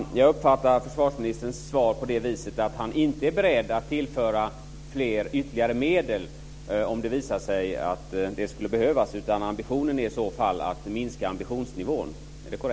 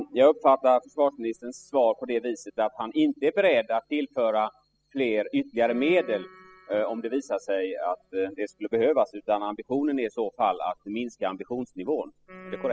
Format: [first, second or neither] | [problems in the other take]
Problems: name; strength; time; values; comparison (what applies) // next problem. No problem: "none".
first | noise reduction (classical method spectral subtraction)